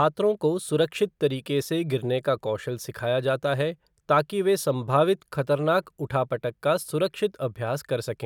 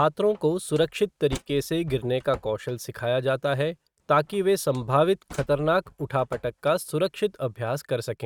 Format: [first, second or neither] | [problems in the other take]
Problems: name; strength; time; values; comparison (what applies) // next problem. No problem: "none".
first | noise reduction (neural mask model RNNoise)